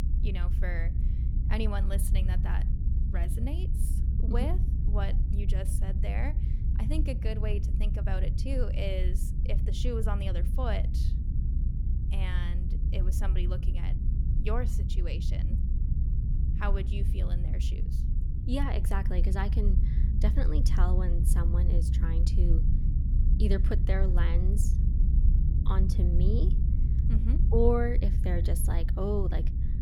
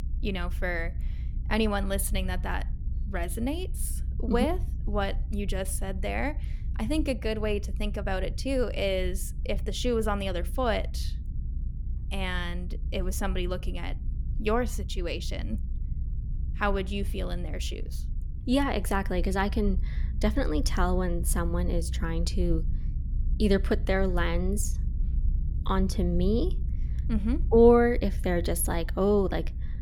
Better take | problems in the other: second | low rumble; loud; throughout; 7 dB below the speech; faint in the second

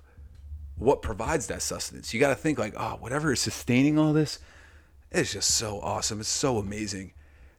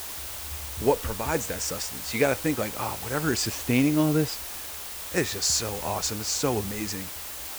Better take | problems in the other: first | hiss; loud; throughout; 7 dB below the speech

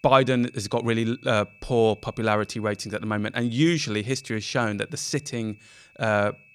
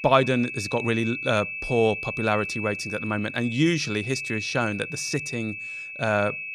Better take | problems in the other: first | high-pitched whine; loud; throughout; 2.5 kHz, 6 dB below the speech; faint in the first

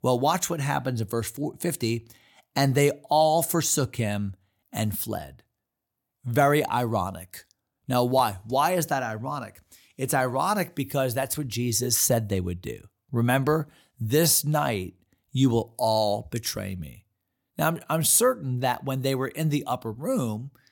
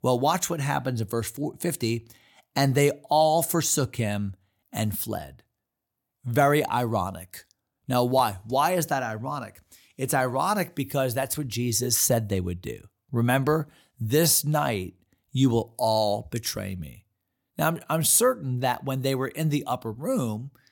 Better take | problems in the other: neither | none

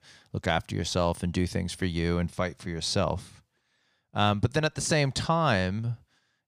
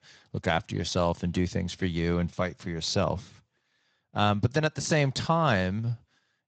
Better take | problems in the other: first | garbled, watery; slightly; nothing above 7.5 kHz

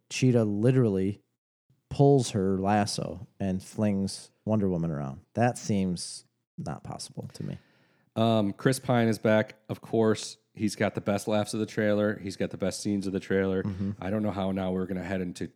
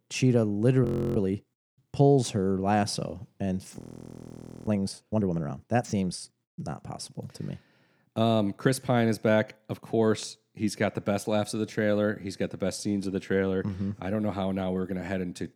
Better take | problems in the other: first | audio freezing; at 1 s and at 4 s for 1 s

